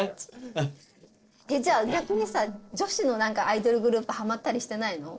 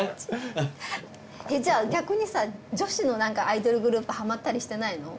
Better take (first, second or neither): second